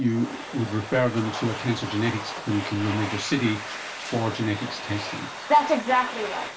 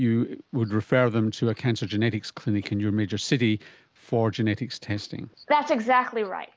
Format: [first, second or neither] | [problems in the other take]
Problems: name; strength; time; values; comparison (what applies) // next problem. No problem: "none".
second | background sound (Domestic sounds, home sounds); 9 dB below the speech // room echo; dies away in 0.2 s